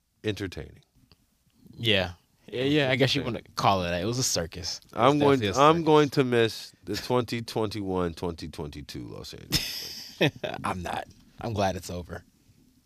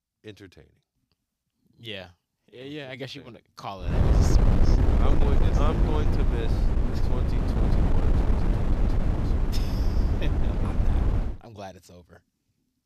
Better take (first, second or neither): first